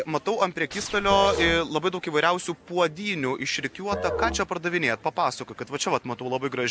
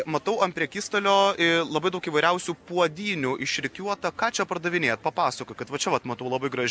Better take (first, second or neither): second